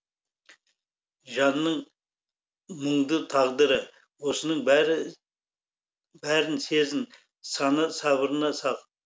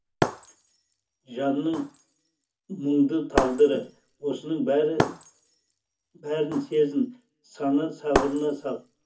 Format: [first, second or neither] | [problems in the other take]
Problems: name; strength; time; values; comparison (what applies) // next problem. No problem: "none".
first | background sound (Shatter); 6 dB below the speech // room echo; dies away in 0.3 s